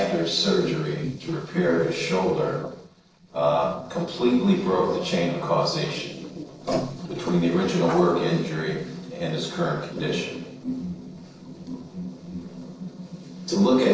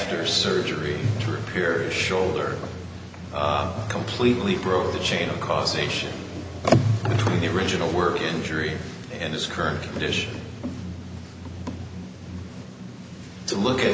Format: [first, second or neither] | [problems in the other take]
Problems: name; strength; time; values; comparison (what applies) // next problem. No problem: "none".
second | noise reduction (neural separator model SepFormer DNS4)